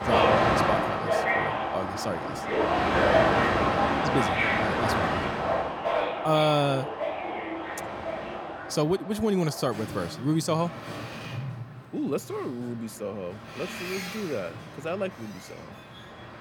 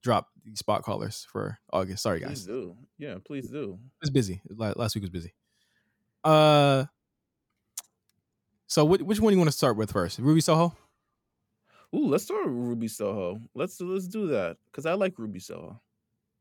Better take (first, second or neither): second